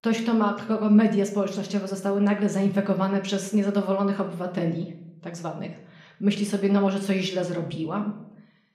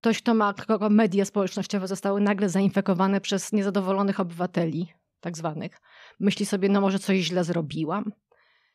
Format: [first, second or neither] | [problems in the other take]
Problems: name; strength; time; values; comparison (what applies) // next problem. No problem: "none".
second | room echo; slight; dies away in 0.5 s // off-mic speech; somewhat distant